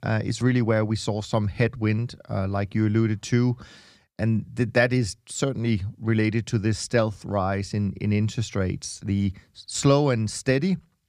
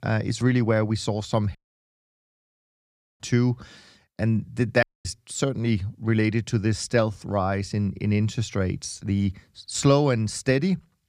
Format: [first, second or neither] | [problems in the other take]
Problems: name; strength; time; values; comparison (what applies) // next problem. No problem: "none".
first | audio cutting out; at 1.5 s for 1.5 s and at 5 s